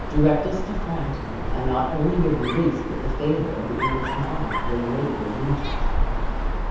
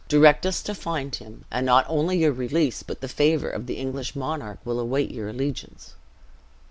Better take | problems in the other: second | background sound (Dog); as loud as the speech // room echo; dies away in 0.9 s

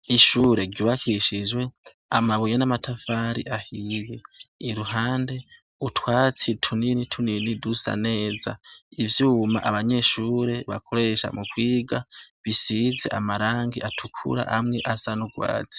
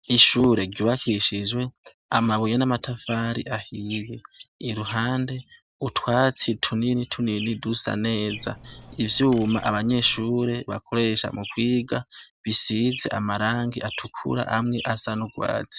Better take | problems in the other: first | background sound (Cutlery, silverware); 19 dB below the speech

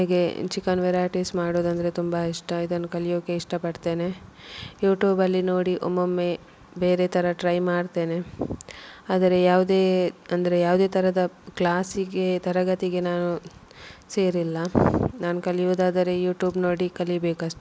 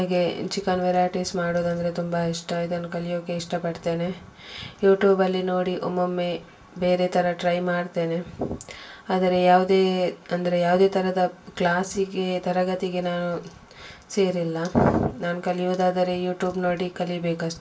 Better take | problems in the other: first | room echo; dies away in 0.2 s

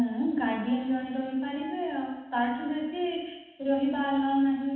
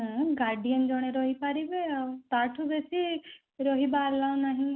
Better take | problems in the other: second | room echo; dies away in 1.1 s

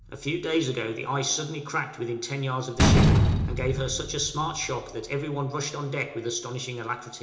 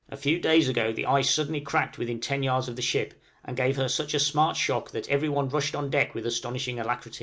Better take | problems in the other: second | background sound (Slam); 2 dB above the speech // room echo; dies away in 0.8 s

